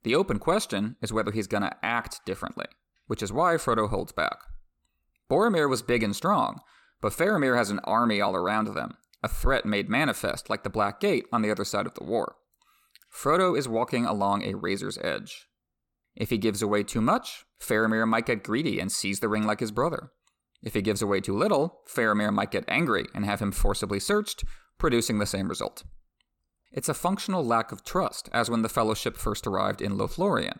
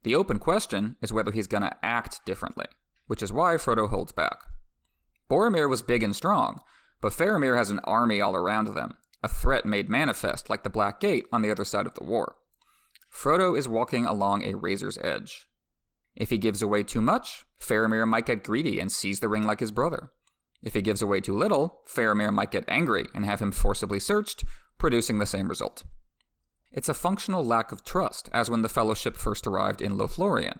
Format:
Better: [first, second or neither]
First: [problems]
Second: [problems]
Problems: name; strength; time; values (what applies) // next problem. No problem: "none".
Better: first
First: none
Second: garbled, watery; slightly; nothing above 18 kHz